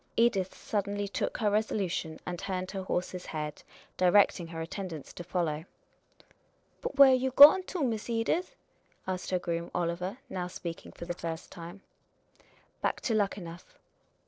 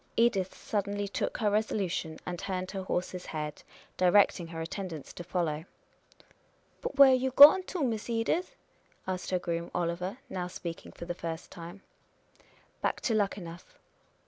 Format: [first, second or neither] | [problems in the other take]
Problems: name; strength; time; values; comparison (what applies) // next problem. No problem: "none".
second | noise reduction (neural separator model SepFormer DNS4)